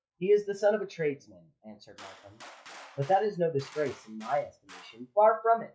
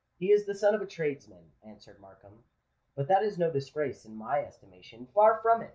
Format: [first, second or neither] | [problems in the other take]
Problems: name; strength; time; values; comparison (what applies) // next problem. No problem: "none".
second | noise reduction (classical method log-MMSE)